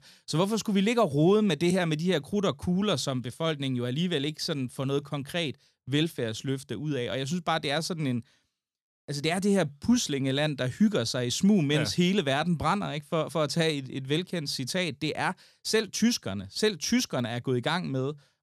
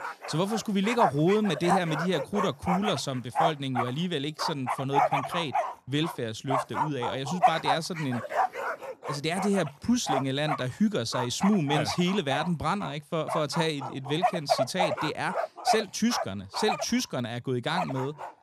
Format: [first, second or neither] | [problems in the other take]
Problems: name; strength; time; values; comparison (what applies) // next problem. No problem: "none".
first | animal sounds; loud; throughout; 2 dB below the speech